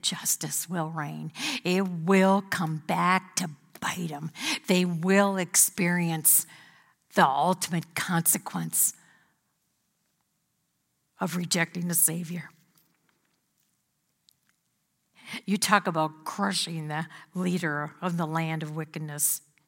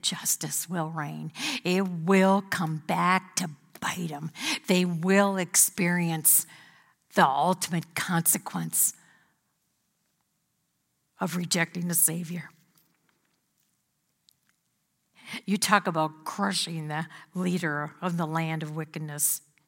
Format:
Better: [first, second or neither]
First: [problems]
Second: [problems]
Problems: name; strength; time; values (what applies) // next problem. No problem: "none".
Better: neither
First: none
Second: none